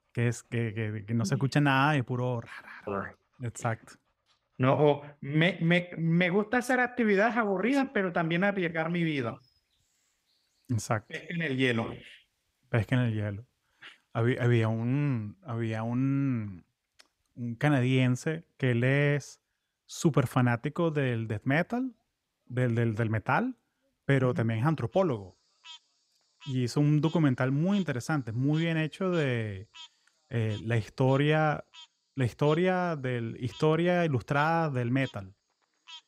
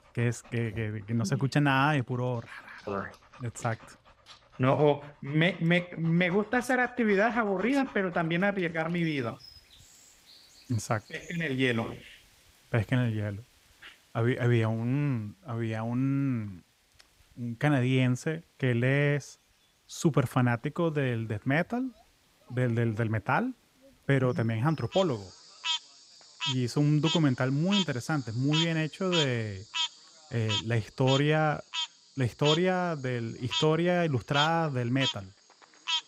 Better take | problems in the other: first | animal sounds; loud; throughout; 5 dB below the speech; faint in the first

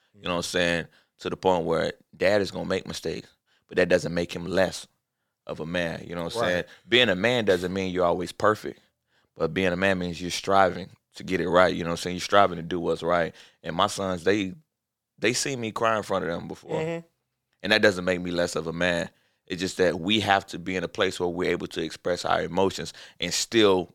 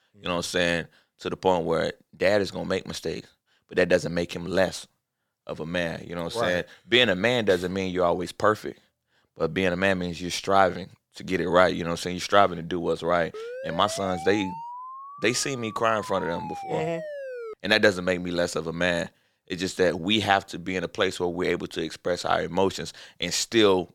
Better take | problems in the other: first | siren; faint; from 13 to 18 s; peak 10 dB below the speech

